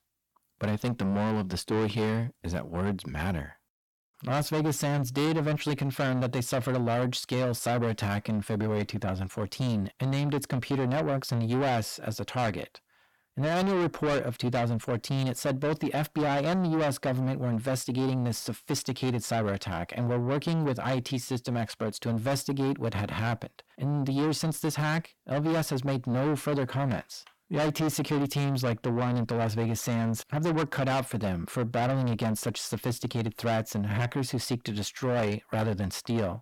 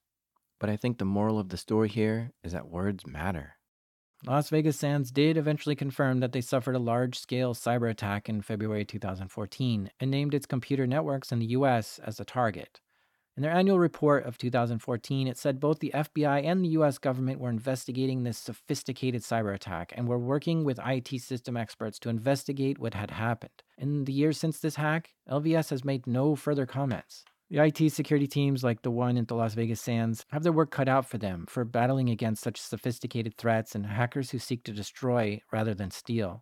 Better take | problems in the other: second | distortion; heavy; 6 dB below the speech

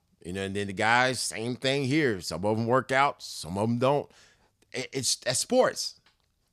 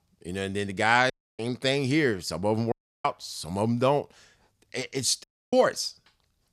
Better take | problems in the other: first | audio cutting out; at 1 s, at 2.5 s and at 5 s

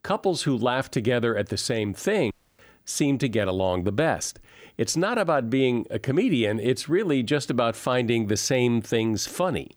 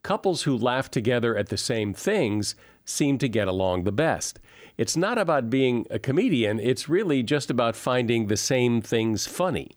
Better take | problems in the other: second | audio cutting out; at 2.5 s

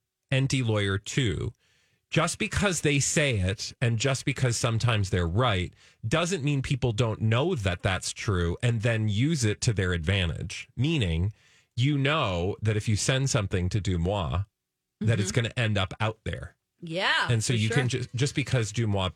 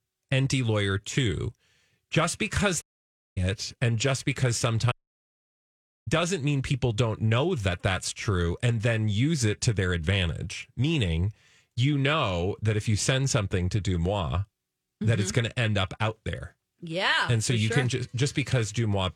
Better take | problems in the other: first | audio cutting out; at 3 s for 0.5 s and at 5 s for 1 s

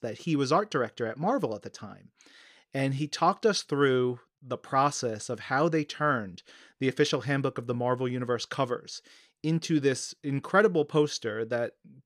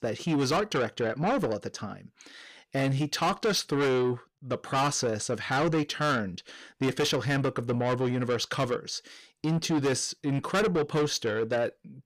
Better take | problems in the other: first | distortion; heavy; 7 dB below the speech

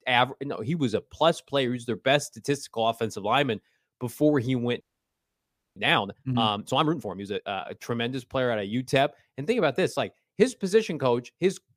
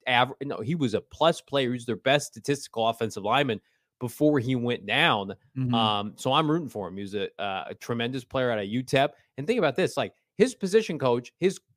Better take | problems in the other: second | audio freezing; at 5 s for 1 s

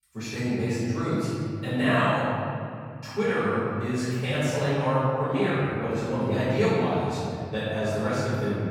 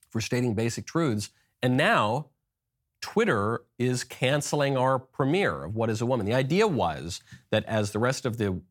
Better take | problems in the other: second | off-mic speech; far // room echo; strong; dies away in 2.8 s

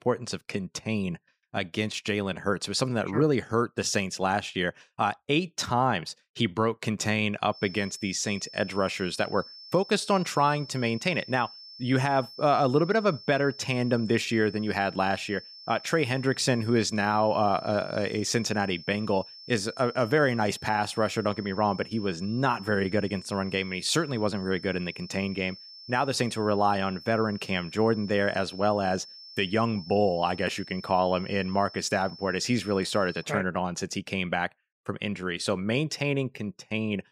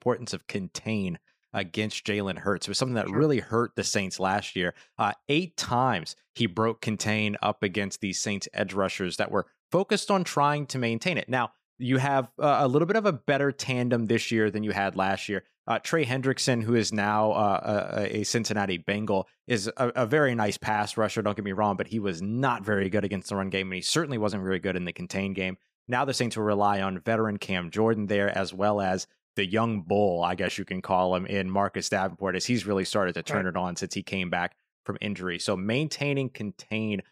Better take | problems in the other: second | high-pitched whine; noticeable; from 7.5 to 33 s; 5.5 kHz, 15 dB below the speech

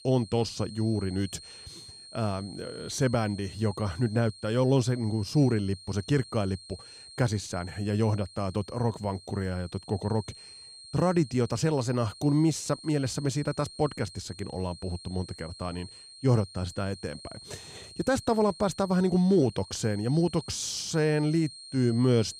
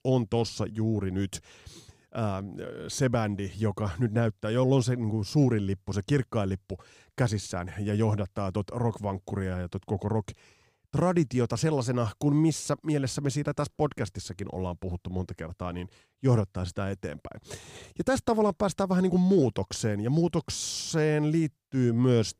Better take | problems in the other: second | high-pitched whine; noticeable; throughout; 4 kHz, 15 dB below the speech

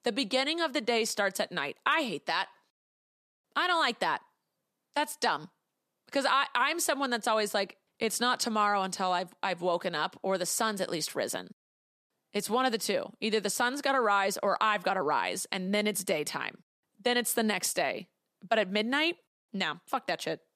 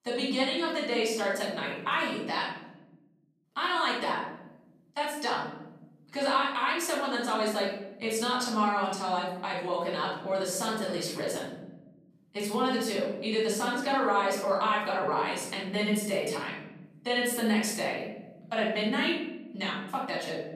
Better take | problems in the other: first | off-mic speech; far // room echo; noticeable; dies away in 1.4 s

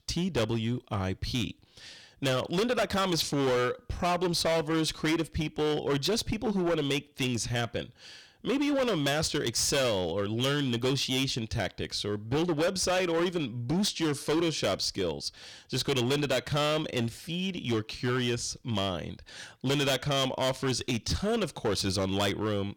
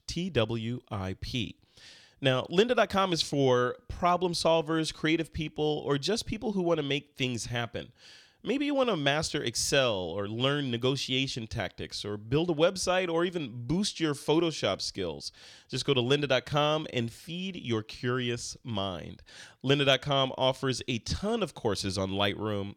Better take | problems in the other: second | distortion; heavy; 14% of the sound clipped

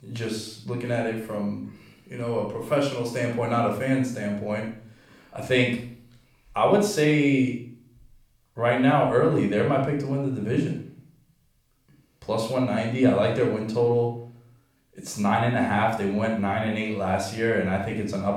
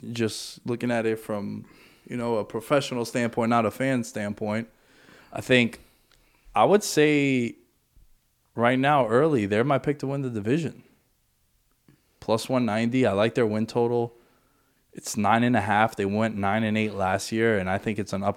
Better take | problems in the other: second | off-mic speech; somewhat distant // room echo; noticeable; dies away in 0.5 s

